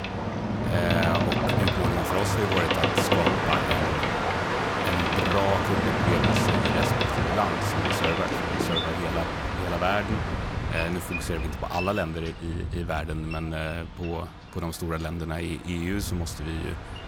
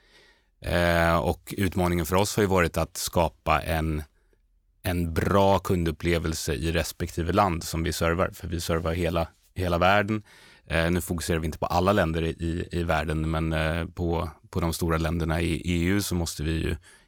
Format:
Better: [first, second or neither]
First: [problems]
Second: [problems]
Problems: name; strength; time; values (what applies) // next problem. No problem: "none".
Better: second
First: train or aircraft noise; very loud; throughout; 4 dB above the speech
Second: none